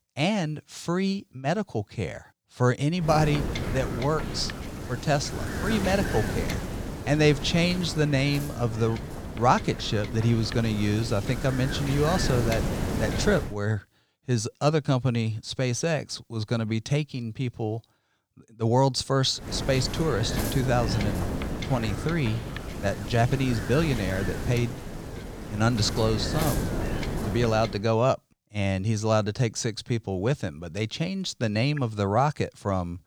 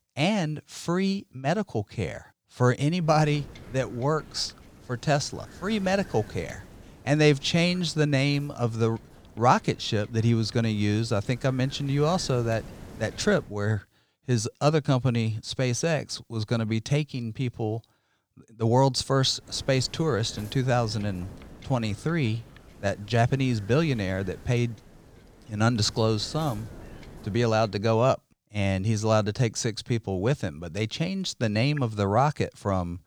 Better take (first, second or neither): second